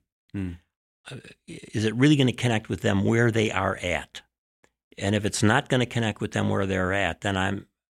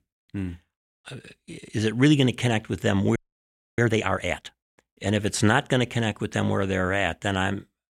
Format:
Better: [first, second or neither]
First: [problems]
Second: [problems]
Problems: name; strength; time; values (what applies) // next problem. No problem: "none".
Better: first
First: none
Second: audio freezing; at 3 s for 0.5 s